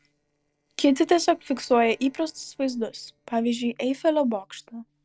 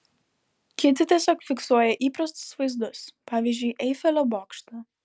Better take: second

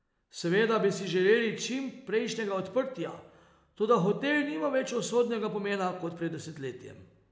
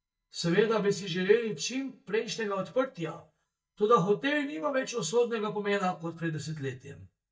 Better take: first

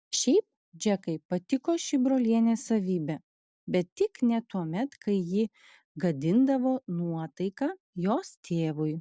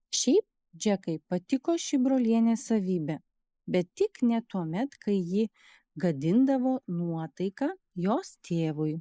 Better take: first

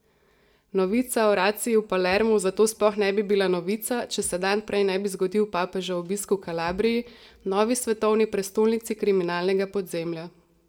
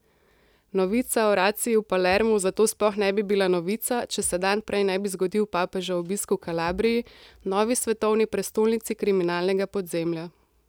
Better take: second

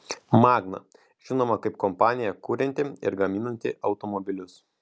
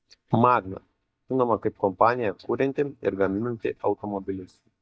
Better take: first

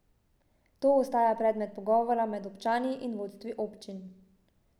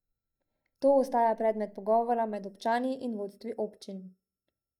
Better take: first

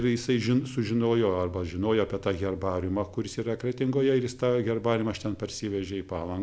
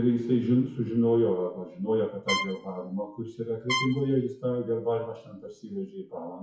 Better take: first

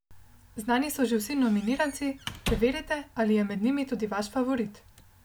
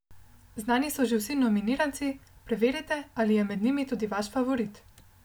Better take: second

